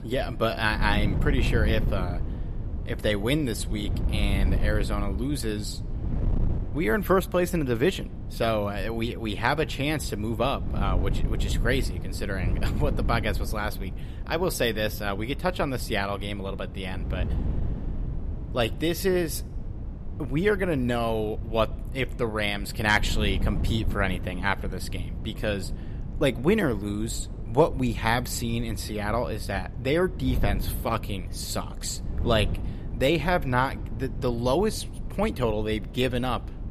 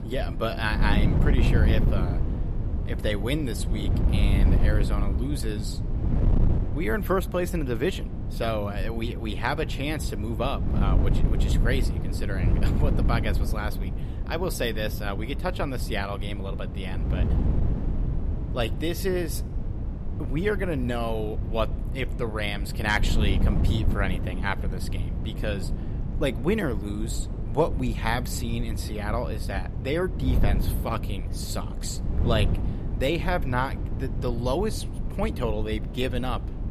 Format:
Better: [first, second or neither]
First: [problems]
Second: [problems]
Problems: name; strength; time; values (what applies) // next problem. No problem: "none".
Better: first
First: wind noise on the microphone; occasional gusts; 15 dB below the speech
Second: wind noise on the microphone; heavy; 9 dB below the speech